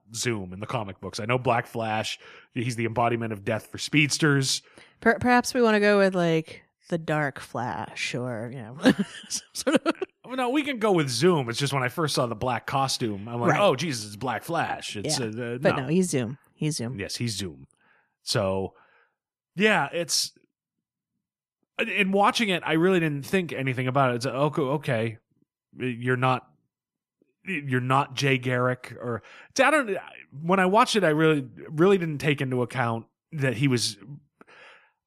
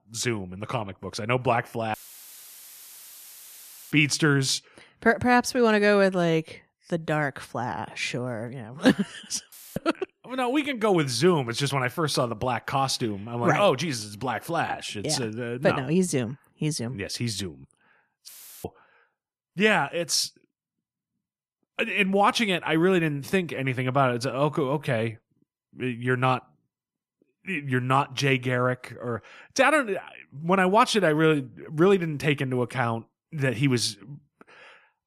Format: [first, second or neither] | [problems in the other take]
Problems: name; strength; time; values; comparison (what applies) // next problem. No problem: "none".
first | audio cutting out; filled with static; at 2 s for 2 s, at 9.5 s and at 18 s